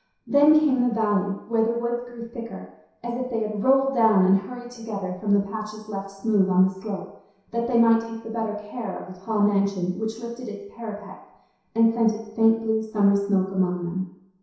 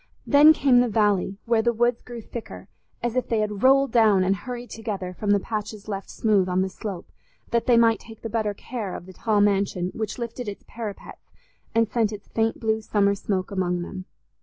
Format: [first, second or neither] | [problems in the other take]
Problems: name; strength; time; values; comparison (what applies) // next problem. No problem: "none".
second | room echo; dies away in 0.7 s